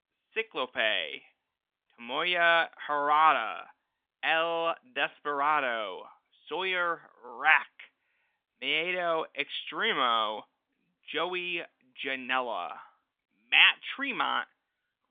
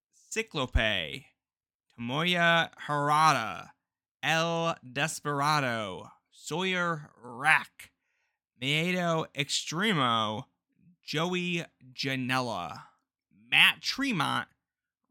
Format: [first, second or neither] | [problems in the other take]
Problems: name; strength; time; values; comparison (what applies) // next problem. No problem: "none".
second | phone-call audio; nothing above 3.5 kHz